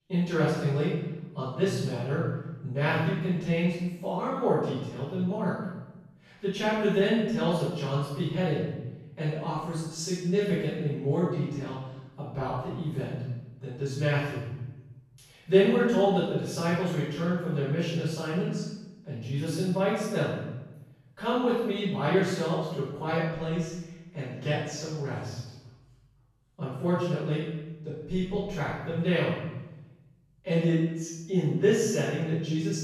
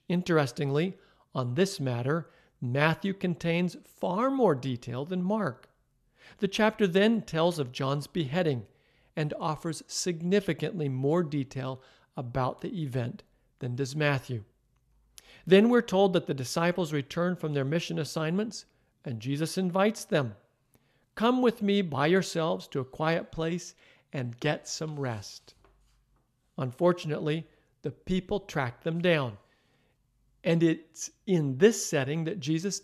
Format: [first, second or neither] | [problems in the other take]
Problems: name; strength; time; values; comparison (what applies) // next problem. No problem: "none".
second | off-mic speech; far // room echo; strong; dies away in 0.9 s